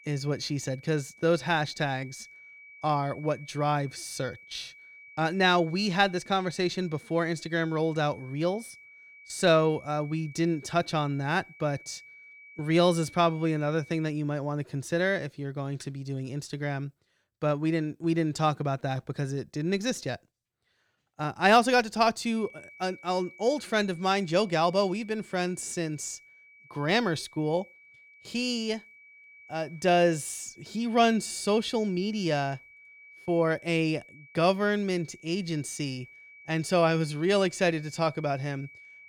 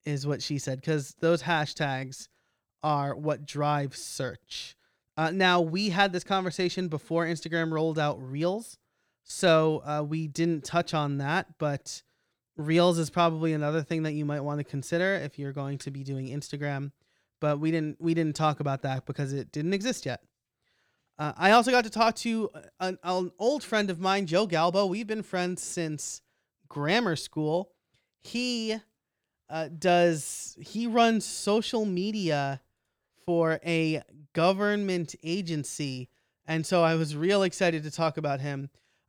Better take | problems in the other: second | high-pitched whine; faint; until 14 s and from 22 s on; 2.5 kHz, 20 dB below the speech

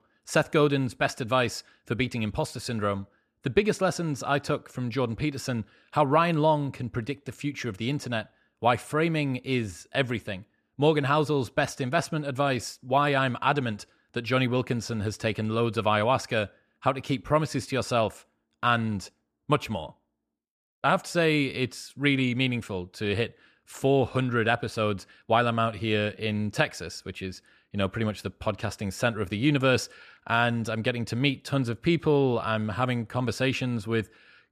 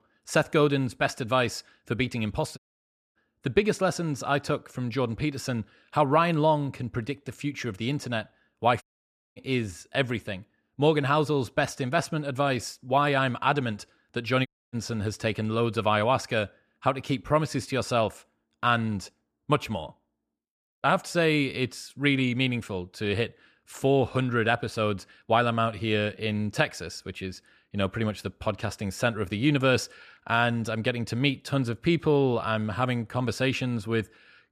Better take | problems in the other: first | audio cutting out; at 2.5 s for 0.5 s, at 9 s for 0.5 s and at 14 s

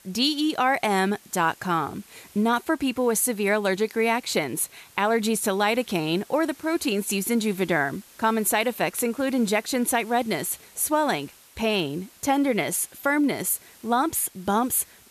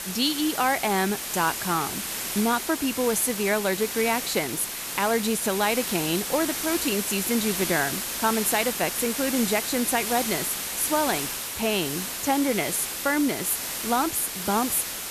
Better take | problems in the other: first | hiss; loud; throughout; 3 dB below the speech; faint in the first

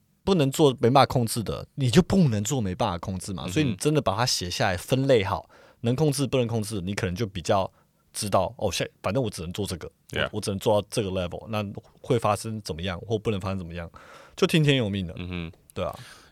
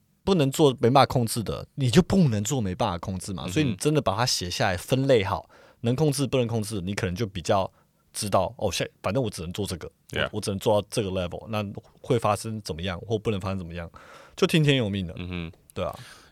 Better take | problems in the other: neither | none

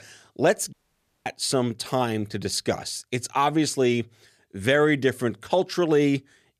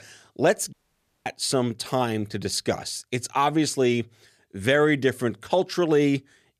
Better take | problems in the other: neither | audio cutting out; at 0.5 s for 0.5 s; the same in both

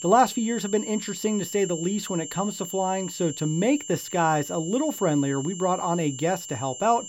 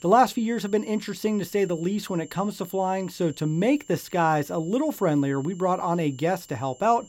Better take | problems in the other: second | high-pitched whine; loud; throughout; 7.5 kHz, 9 dB below the speech; faint in the second

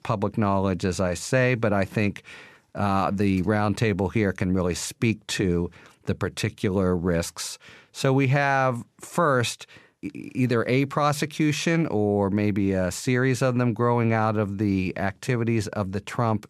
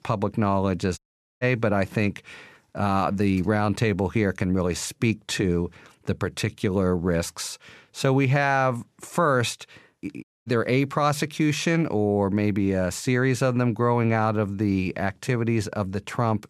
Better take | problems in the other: first | audio cutting out; at 1 s and at 10 s

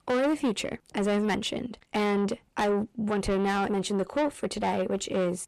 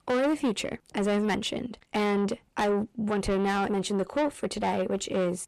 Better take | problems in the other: neither | distortion; heavy; 7 dB below the speech; the same in both

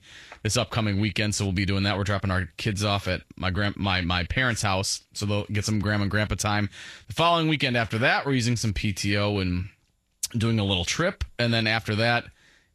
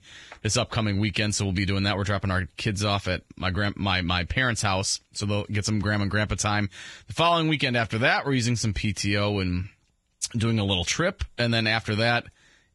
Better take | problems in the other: first | garbled, watery; badly; nothing above 10.5 kHz; slightly in the first

